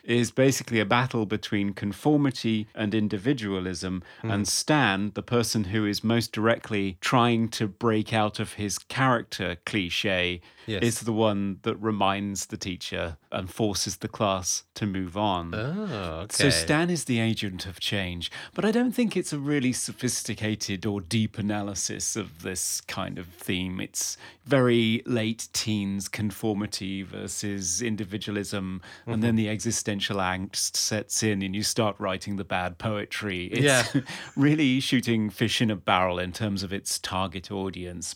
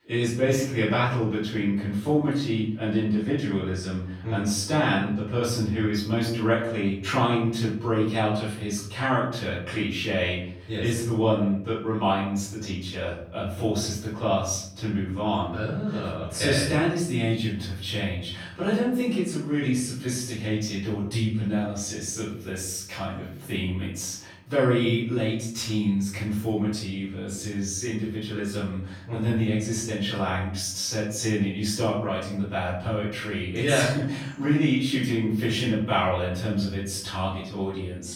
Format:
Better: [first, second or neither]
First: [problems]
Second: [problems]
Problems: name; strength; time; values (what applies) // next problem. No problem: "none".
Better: first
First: none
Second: off-mic speech; far // room echo; noticeable; dies away in 0.7 s